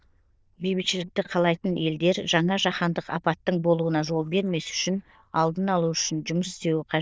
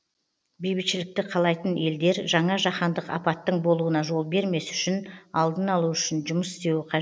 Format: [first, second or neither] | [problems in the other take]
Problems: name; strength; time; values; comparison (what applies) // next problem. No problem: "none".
second | noise reduction (neural diffusion model UNIVERSE++)